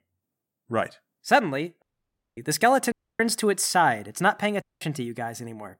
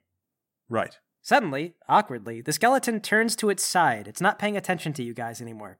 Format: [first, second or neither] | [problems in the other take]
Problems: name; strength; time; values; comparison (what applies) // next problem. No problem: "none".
second | audio cutting out; at 2 s for 0.5 s, at 3 s and at 4.5 s